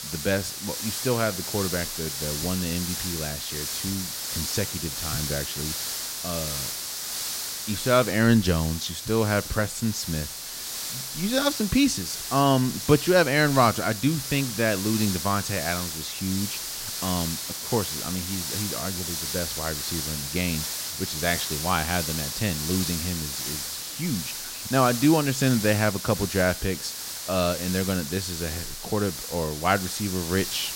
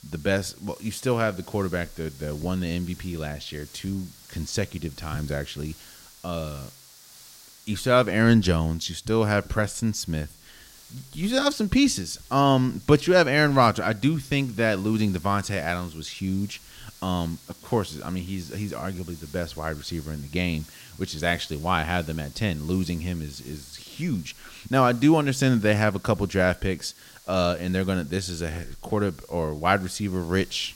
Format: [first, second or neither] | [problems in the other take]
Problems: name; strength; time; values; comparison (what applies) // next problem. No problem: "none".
second | hiss; loud; throughout; 4 dB below the speech; faint in the second